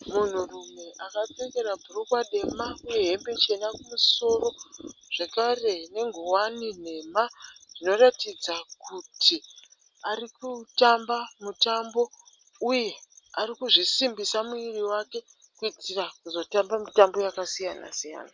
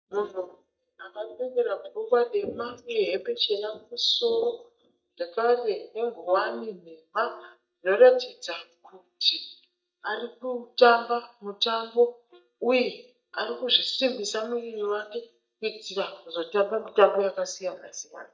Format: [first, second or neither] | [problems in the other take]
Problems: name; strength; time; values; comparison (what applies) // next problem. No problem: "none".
first | noise reduction (neural mask model DeepFilterNet 3)